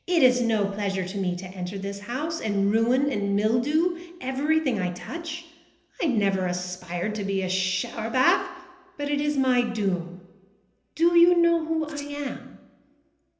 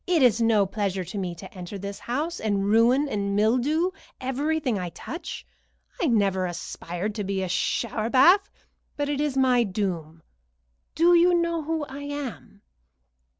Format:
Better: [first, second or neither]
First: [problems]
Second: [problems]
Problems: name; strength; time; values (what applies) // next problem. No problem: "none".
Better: second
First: background sound (Rattle (instrument)); 17 dB below the speech // room echo; dies away in 0.8 s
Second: none